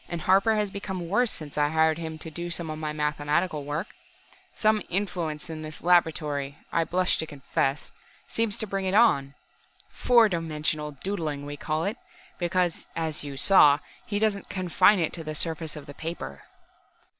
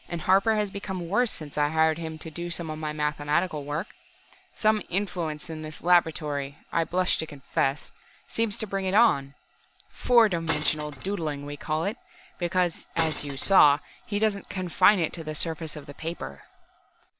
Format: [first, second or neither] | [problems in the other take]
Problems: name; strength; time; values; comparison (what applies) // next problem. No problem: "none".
first | background sound (Glass); 9 dB below the speech